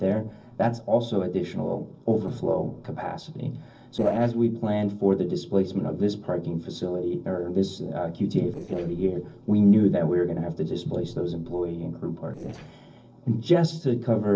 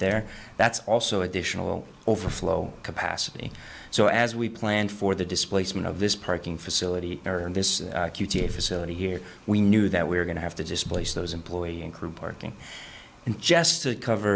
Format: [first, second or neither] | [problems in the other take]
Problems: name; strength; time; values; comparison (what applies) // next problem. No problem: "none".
second | noise reduction (neural separator model SepFormer DNS4)